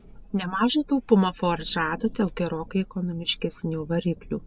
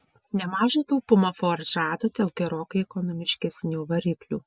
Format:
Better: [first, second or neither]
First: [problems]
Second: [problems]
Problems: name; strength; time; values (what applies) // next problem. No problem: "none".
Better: second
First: background sound (Thunder / Rain); 19 dB below the speech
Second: none